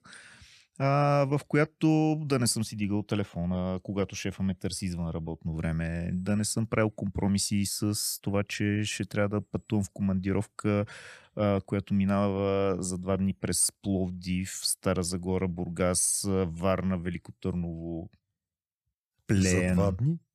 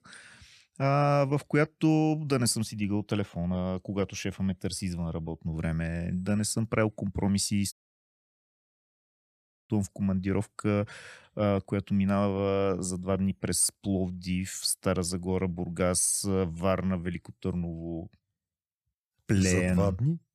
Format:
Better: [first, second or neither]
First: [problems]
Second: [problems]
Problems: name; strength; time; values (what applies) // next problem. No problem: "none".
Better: first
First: none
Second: audio cutting out; at 7.5 s for 2 s